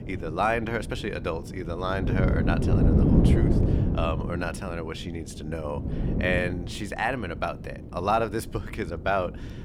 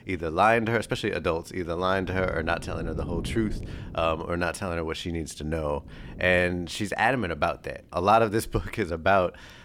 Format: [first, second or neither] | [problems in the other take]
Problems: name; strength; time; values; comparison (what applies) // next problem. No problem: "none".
second | wind noise on the microphone; heavy; 5 dB below the speech; occasional gusts in the second